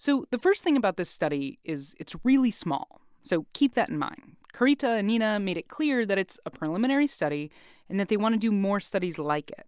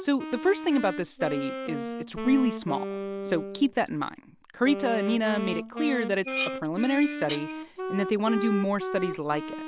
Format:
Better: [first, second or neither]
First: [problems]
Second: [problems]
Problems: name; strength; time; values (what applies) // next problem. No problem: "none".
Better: first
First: none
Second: background sound (Dishes, pots, and pans + Wind instrument, woodwind instrument); 6 dB below the speech